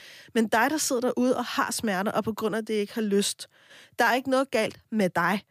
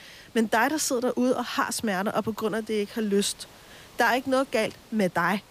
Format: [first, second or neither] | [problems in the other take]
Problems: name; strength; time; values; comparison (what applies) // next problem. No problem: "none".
first | hiss; faint; throughout; 25 dB below the speech